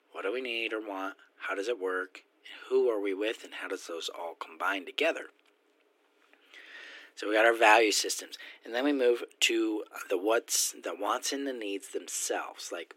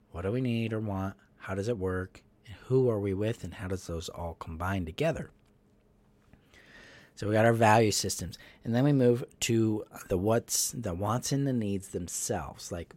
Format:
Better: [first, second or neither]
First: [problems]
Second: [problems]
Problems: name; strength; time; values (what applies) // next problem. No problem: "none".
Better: second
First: thin; somewhat; fading below 300 Hz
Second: none